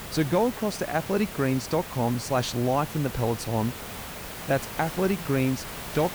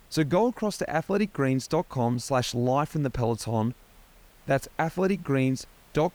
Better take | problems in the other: second | hiss; loud; throughout; 9 dB below the speech; faint in the second

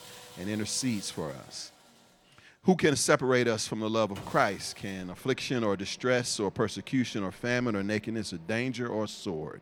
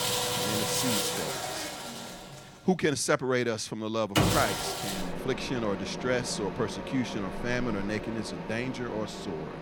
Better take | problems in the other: first | machinery noise; loud; throughout; 1 dB below the speech; faint in the first

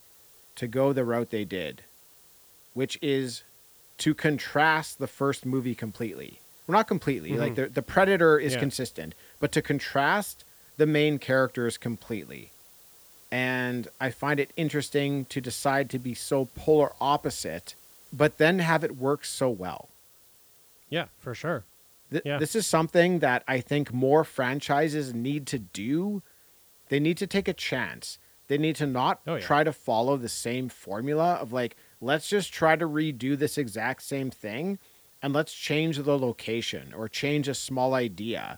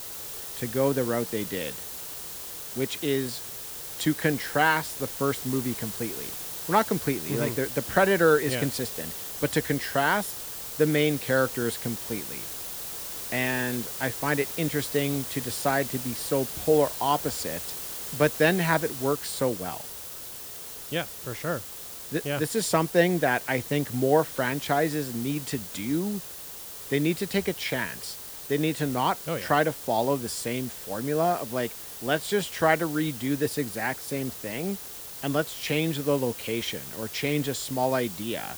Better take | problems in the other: first | hiss; loud; throughout; 8 dB below the speech; faint in the first

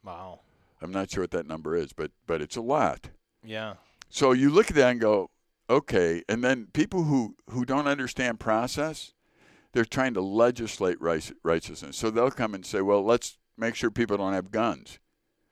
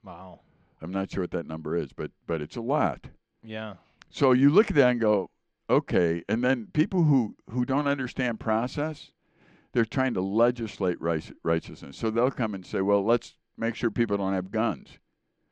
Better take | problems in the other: first | muffled; slightly; fading above 4 kHz

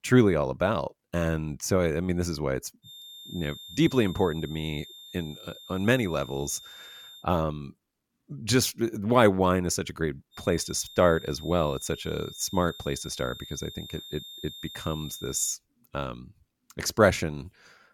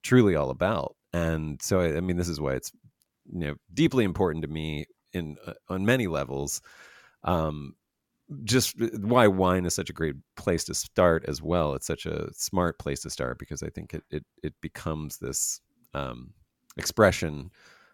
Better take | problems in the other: second | high-pitched whine; noticeable; from 3 to 7 s and from 10 to 16 s; 3.5 kHz, 15 dB below the speech

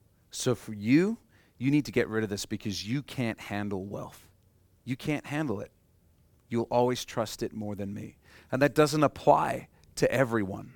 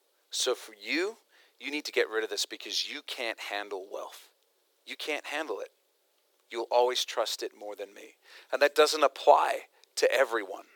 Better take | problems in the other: first | thin; very; fading below 400 Hz

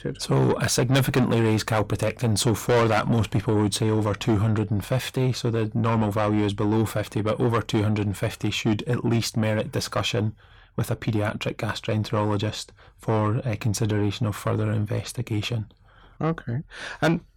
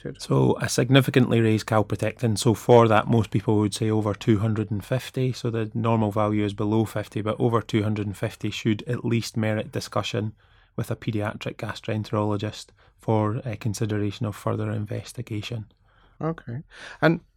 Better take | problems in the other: second | distortion; heavy; 6 dB below the speech

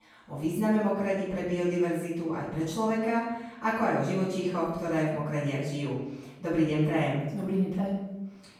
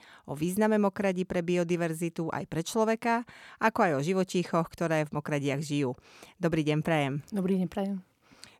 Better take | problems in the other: second | off-mic speech; far // room echo; noticeable; dies away in 0.8 s

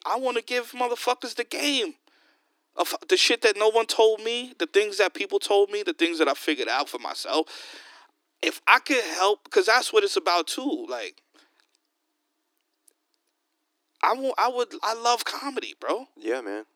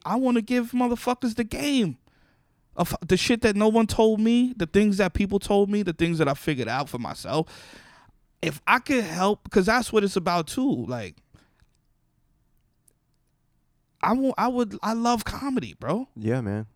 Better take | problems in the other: second | thin; very; fading below 300 Hz

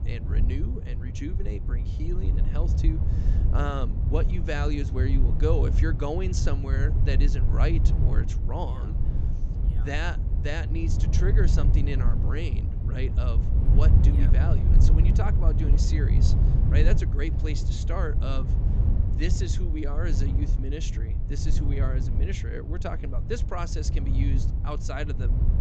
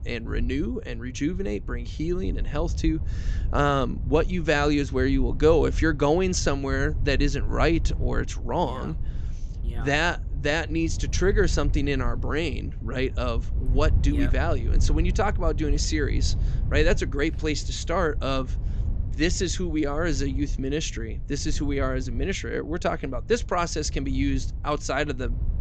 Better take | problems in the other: second | wind noise on the microphone; heavy; 5 dB below the speech; occasional gusts in the second

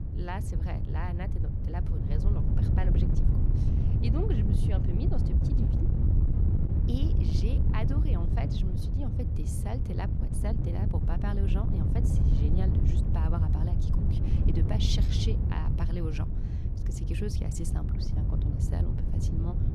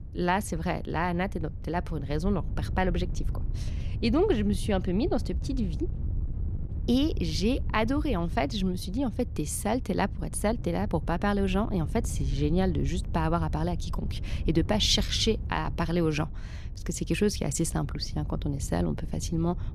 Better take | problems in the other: second | wind noise on the microphone; heavy; as loud as the speech; occasional gusts in the second

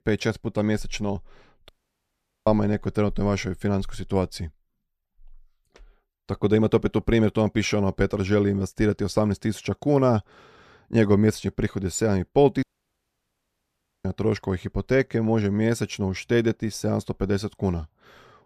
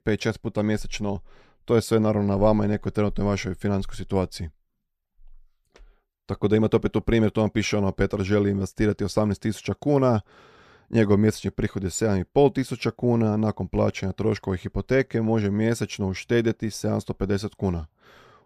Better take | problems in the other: second | audio cutting out; at 1.5 s for 1 s and at 13 s for 1.5 s

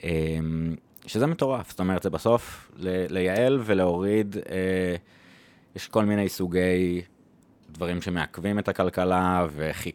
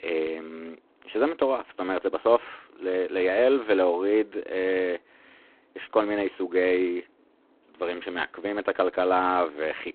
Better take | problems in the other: first | phone-call audio; poor line; nothing above 4 kHz

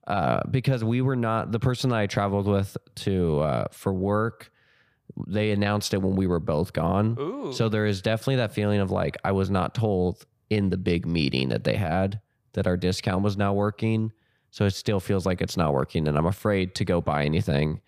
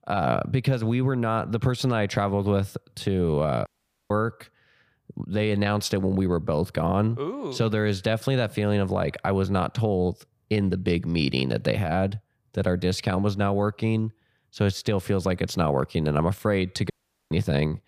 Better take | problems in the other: first | audio cutting out; at 3.5 s and at 17 s

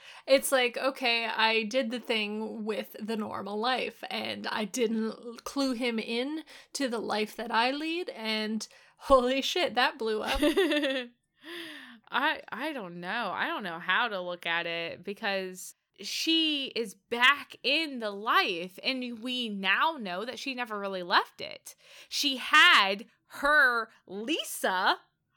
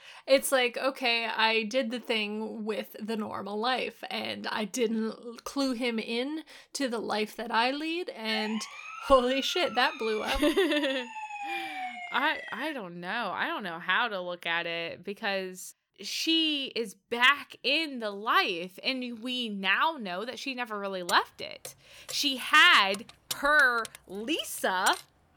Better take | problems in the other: first | siren; noticeable; from 8.5 to 13 s; peak 7 dB below the speech // jangling keys; noticeable; from 21 s on; peak 8 dB below the speech

